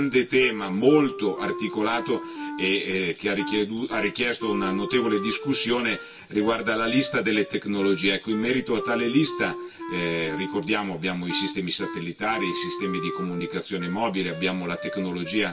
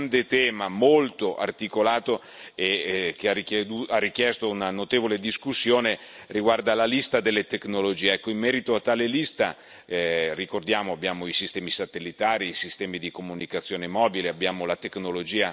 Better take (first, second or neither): second